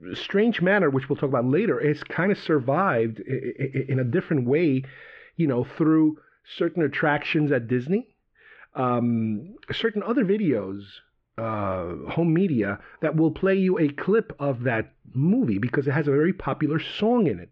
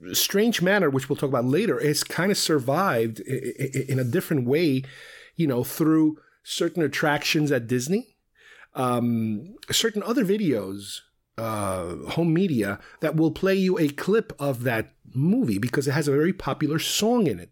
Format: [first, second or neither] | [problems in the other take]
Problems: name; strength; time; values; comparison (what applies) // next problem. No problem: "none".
second | muffled; very; fading above 2.5 kHz